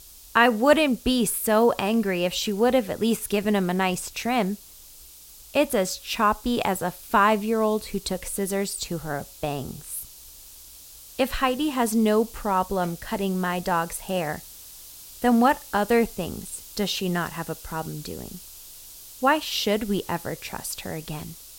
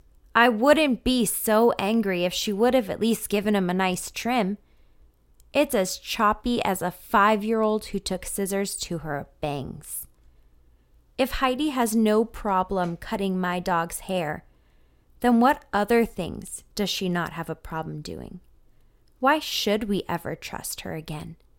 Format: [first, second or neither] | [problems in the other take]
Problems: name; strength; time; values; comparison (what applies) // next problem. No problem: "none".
second | hiss; noticeable; throughout; 20 dB below the speech